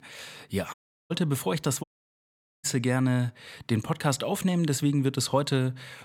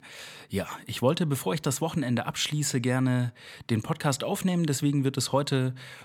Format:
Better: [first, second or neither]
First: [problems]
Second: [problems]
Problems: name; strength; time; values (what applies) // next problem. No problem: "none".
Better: second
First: audio cutting out; at 0.5 s and at 2 s for 1 s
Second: none